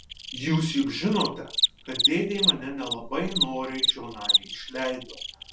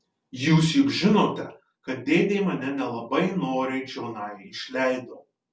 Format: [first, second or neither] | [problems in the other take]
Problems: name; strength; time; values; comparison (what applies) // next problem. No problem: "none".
second | background sound (Cricket); 1 dB above the speech